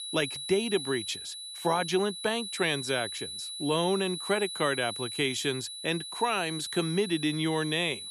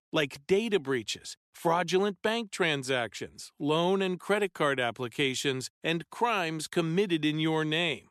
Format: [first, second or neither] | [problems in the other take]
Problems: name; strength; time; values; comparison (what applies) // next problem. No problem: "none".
second | high-pitched whine; loud; throughout; 4 kHz, 6 dB below the speech